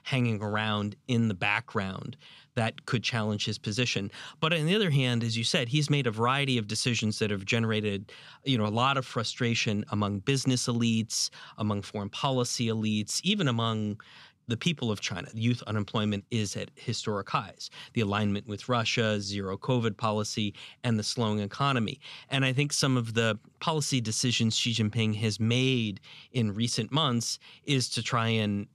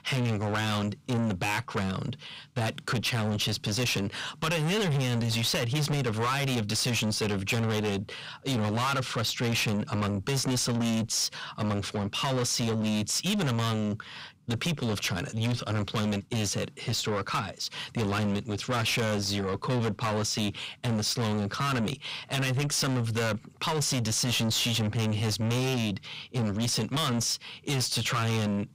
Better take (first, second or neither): first